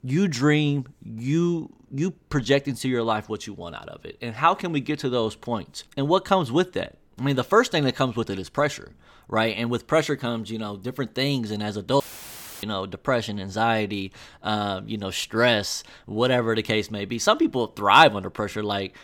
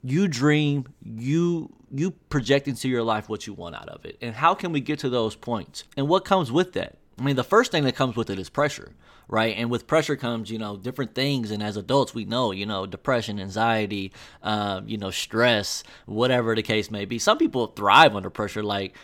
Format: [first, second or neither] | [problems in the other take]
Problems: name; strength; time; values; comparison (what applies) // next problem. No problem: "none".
second | audio cutting out; filled with static; at 12 s for 0.5 s